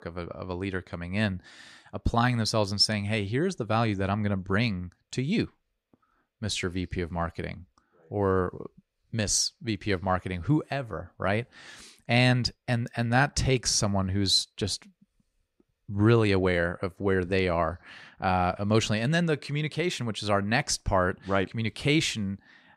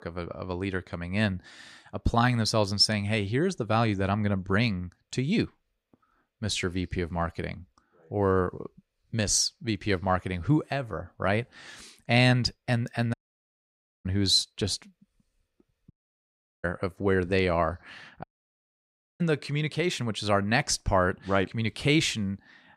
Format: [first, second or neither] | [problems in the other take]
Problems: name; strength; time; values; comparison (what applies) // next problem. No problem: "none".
first | audio cutting out; at 13 s for 1 s, at 16 s for 0.5 s and at 18 s for 1 s